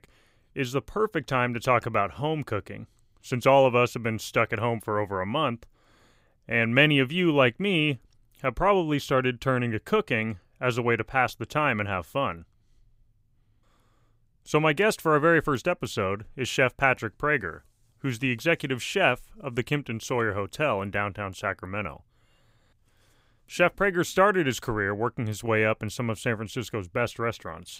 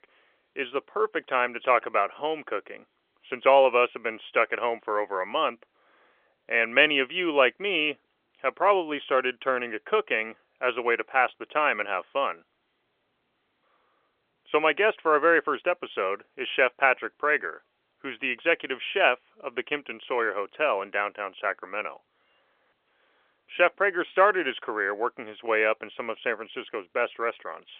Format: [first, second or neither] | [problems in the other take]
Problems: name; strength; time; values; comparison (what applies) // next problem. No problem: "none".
first | phone-call audio; nothing above 3 kHz